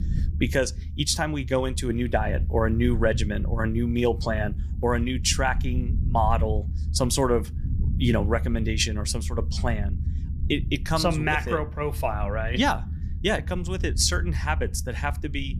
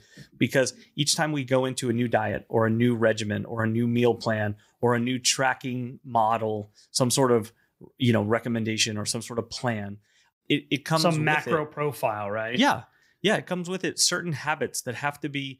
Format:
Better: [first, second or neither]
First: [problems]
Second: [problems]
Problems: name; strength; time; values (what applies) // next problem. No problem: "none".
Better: second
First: low rumble; noticeable; throughout; 20 dB below the speech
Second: none